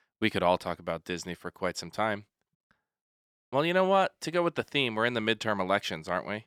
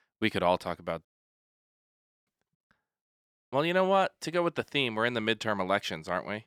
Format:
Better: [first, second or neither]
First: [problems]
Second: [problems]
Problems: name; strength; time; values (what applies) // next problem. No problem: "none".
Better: first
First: none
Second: audio cutting out; at 1 s for 1 s